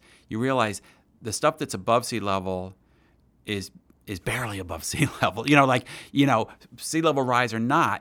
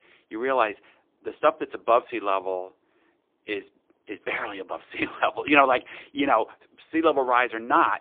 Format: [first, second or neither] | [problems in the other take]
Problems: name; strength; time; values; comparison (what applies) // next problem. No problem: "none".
first | phone-call audio; poor line